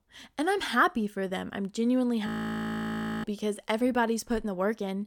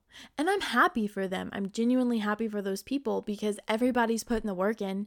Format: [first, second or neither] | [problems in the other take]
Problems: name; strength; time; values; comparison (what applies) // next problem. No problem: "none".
second | audio freezing; at 2.5 s for 1 s